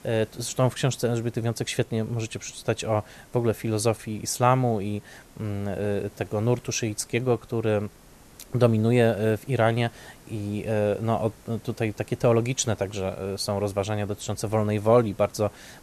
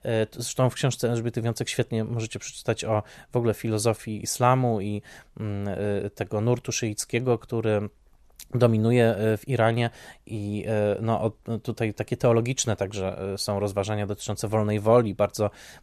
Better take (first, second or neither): second